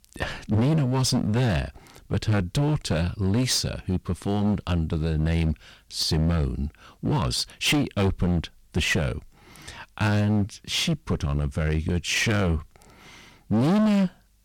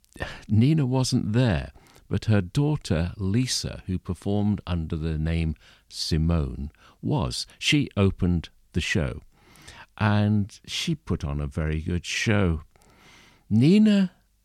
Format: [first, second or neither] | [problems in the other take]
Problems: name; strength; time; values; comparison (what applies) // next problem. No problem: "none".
second | distortion; heavy; 14% of the sound clipped